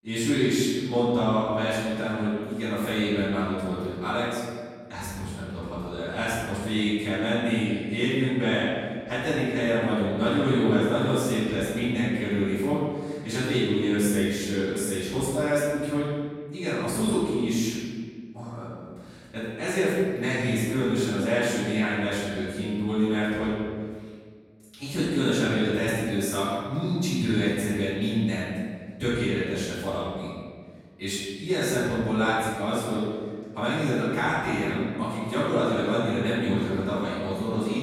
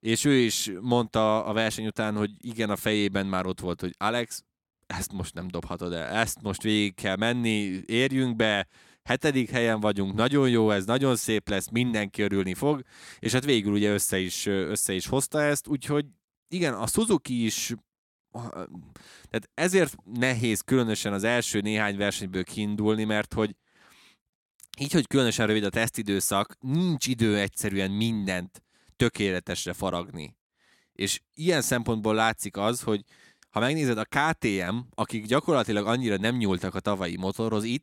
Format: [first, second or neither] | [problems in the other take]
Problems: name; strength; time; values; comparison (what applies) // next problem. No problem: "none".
second | off-mic speech; far // room echo; strong; dies away in 1.6 s